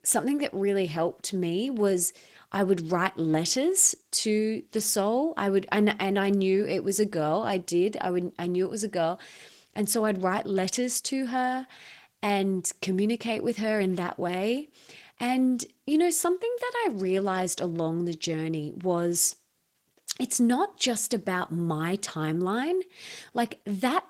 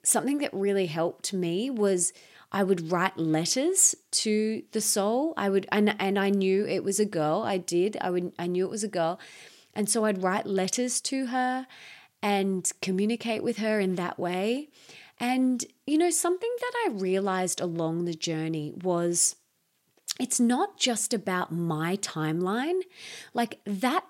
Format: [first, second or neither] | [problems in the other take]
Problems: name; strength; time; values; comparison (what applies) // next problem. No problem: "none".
second | garbled, watery; slightly; nothing above 16 kHz